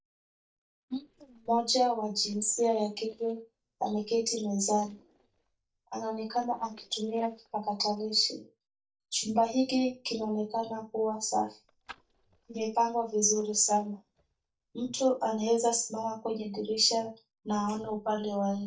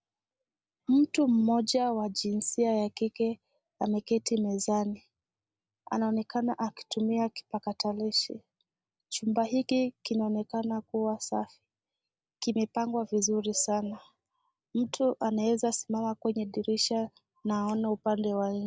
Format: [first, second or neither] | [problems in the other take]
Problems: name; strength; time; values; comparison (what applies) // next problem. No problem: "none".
second | noise reduction (neural mask model DeepFilterNet 3)